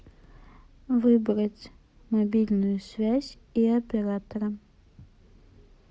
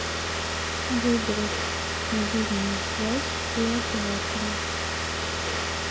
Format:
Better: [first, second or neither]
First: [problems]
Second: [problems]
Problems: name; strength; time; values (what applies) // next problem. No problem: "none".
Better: first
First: none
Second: background sound (Car); 3 dB above the speech